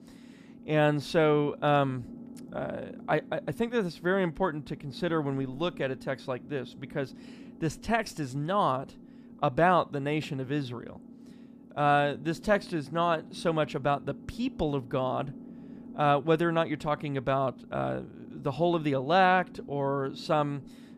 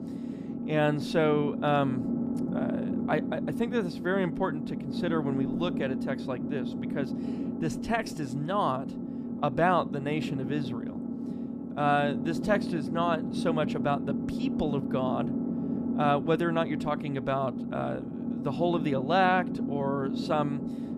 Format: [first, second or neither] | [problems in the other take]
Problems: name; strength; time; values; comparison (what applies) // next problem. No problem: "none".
first | low rumble; loud; throughout; 8 dB below the speech; faint in the first